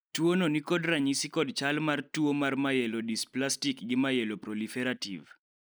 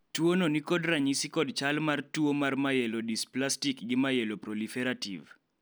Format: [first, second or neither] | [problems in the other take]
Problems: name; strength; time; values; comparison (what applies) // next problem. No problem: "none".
second | noise reduction (neural mask model Resemble Enhance denoiser)